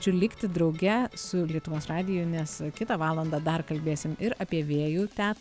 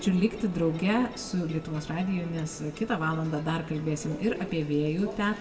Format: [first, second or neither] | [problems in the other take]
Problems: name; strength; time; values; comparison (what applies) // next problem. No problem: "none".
first | background sound (Subway, metro, underground); 14 dB below the speech // room echo; dies away in 0.7 s